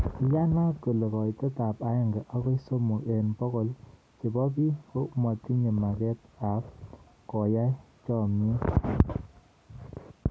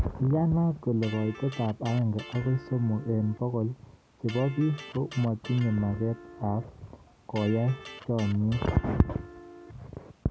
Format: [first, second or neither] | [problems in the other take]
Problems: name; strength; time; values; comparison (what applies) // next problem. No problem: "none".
first | background sound (Electric guitar); 17 dB below the speech